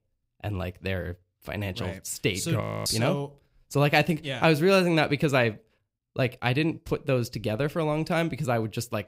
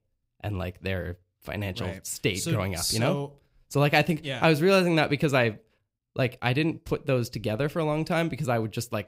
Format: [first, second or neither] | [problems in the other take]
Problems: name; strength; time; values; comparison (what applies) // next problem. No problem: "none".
second | audio freezing; at 2.5 s